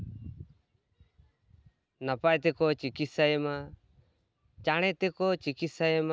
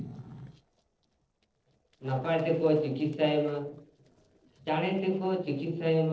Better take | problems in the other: first | noise reduction (neural separator model SepFormer DNS4)

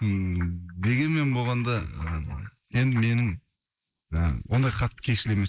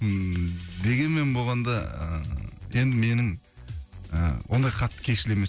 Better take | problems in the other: second | noise reduction (neural mask model Resemble Enhance denoiser)

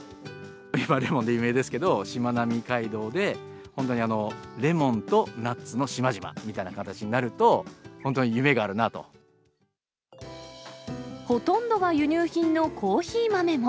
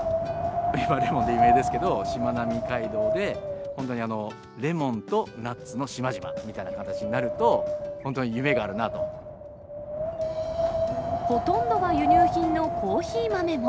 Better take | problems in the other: first | background sound (Wind); 2 dB above the speech

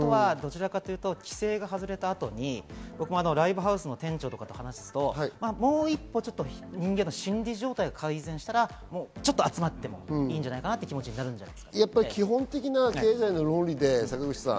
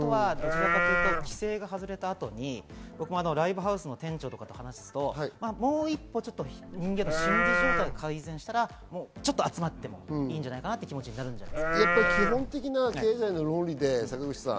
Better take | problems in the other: first | background sound (Livestock, farm animals, working animals); 3 dB above the speech

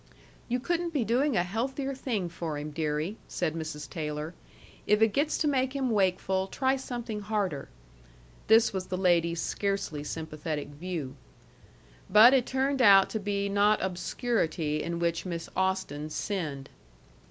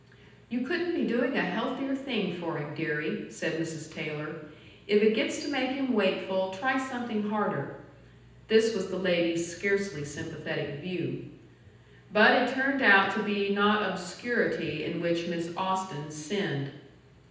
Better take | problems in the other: first | room echo; dies away in 0.9 s

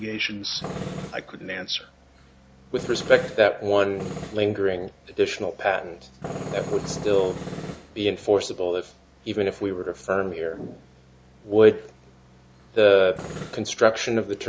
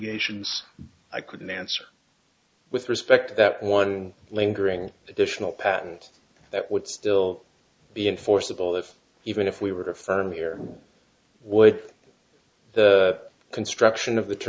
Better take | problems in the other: second | background sound (Tools); 14 dB below the speech

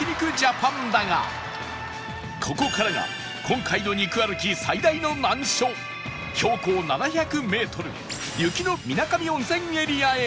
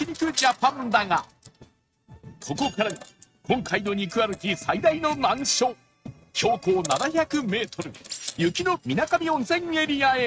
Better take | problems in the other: first | noise reduction (neural mask model RNNoise)

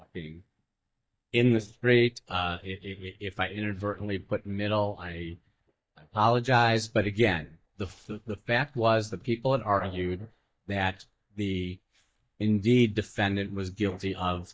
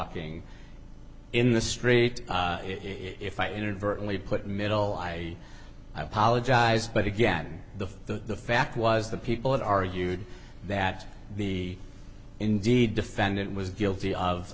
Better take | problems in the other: second | noise reduction (neural mask model DeepFilterNet 3)

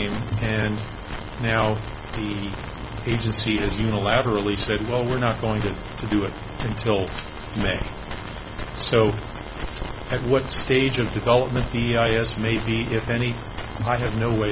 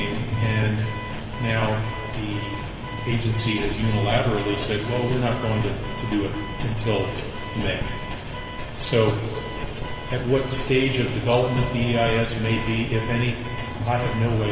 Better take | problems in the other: first | background sound (Alarm / Car); 15 dB below the speech // room echo; dies away in 2.5 s

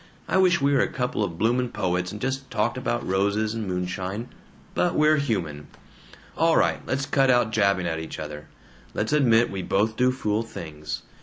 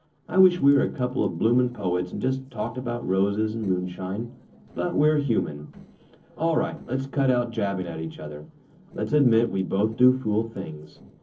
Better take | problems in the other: first | noise reduction (neural separator model SepFormer DNS4)

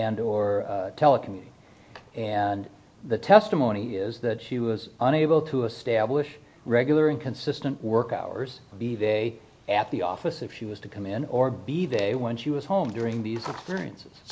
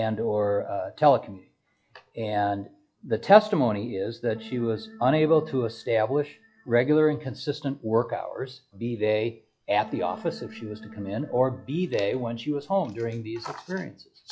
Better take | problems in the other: first | noise reduction (classical method log-MMSE)

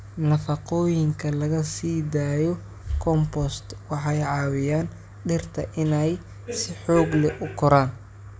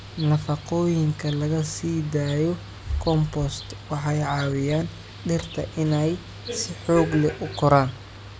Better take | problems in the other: first | background sound (Bird); 19 dB below the speech

